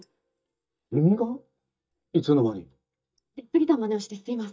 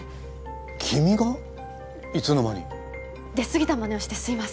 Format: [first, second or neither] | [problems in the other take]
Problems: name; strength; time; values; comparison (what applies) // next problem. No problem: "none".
second | noise reduction (neural mask model DeepFilterNet 3)